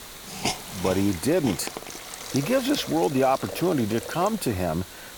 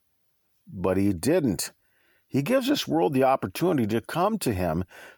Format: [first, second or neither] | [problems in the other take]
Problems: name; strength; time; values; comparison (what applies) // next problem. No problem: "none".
second | hiss; loud; throughout; 9 dB below the speech